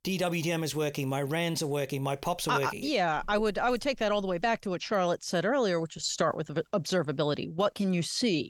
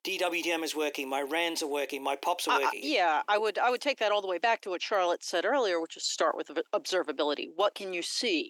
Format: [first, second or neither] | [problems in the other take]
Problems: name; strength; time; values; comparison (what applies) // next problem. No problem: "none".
first | thin; somewhat; fading below 300 Hz